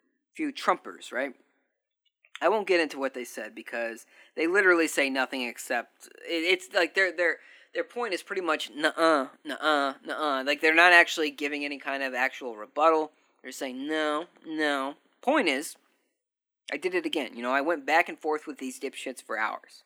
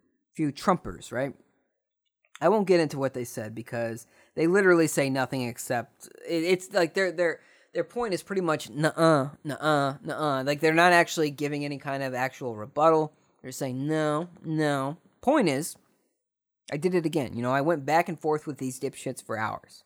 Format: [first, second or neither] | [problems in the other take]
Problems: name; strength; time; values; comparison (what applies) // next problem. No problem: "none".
second | thin; very slightly; fading below 250 Hz